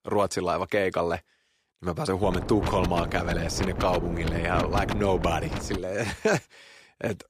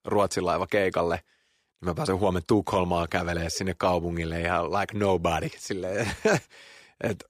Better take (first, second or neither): second